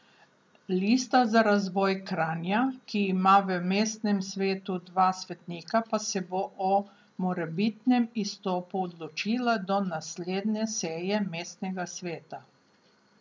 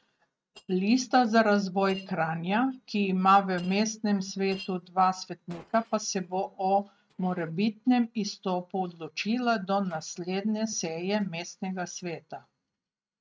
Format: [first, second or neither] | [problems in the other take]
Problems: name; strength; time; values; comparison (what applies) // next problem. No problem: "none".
first | noise reduction (neural mask model RNNoise)